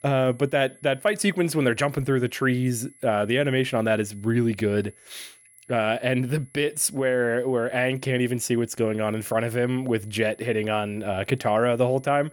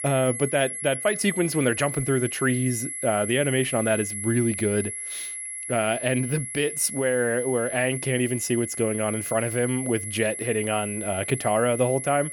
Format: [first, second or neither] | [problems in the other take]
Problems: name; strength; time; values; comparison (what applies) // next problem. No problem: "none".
first | high-pitched whine; loud; throughout; 11 kHz, 6 dB below the speech; faint in the first